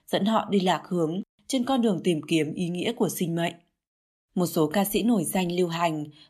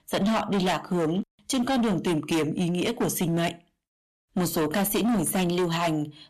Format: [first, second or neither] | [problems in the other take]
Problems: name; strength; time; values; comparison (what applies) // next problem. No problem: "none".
first | distortion; heavy; 20% of the sound clipped